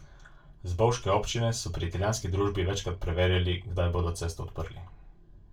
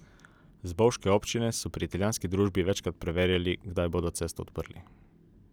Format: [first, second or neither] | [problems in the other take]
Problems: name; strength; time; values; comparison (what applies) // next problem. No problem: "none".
second | room echo; dies away in 0.2 s